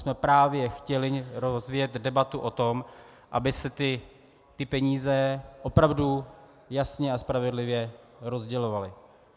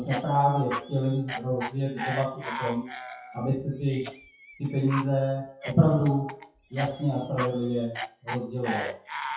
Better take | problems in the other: first | noise reduction (classical method WPE with log-MMSE)

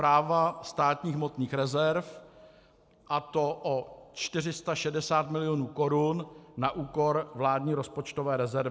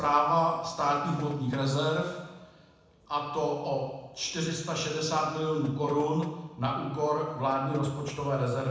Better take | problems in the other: first | background sound (Knock); 19 dB below the speech // room echo; dies away in 1 s

